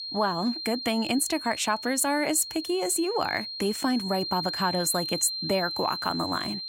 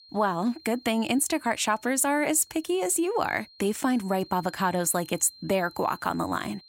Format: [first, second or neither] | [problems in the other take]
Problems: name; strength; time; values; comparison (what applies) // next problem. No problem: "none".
second | high-pitched whine; loud; throughout; 4 kHz, 5 dB below the speech; faint in the second